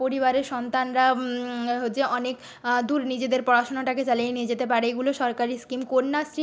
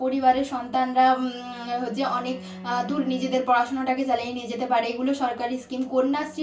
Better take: first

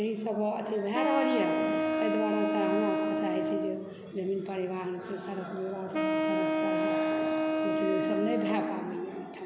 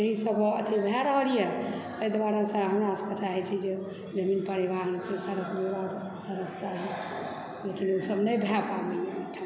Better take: second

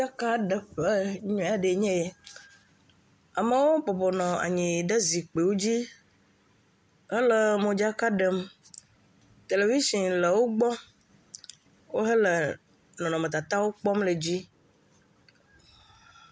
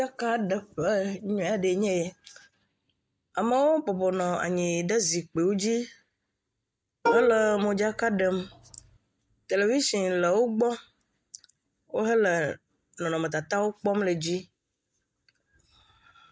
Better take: first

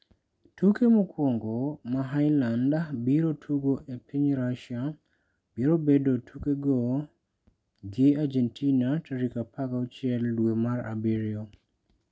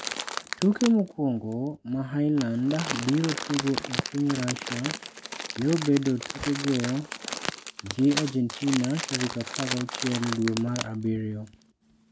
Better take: first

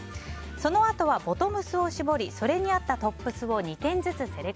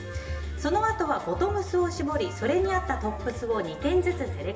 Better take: first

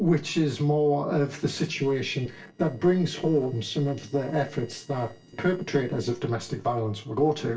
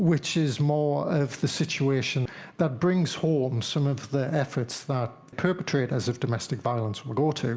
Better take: second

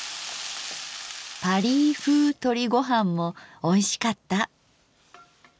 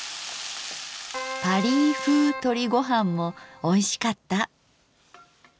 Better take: first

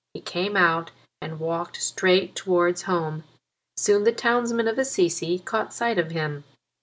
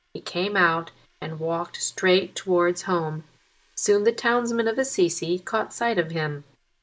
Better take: first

